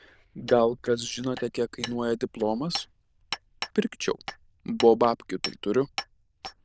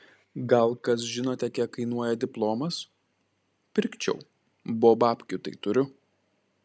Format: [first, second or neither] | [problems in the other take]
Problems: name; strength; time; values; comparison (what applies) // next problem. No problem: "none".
second | noise reduction (neural diffusion model UNIVERSE++)